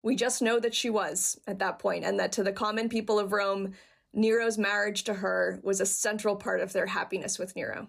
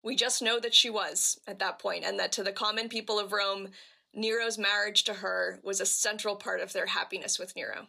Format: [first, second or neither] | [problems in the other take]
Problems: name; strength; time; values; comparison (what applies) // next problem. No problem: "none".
first | thin; somewhat; fading below 650 Hz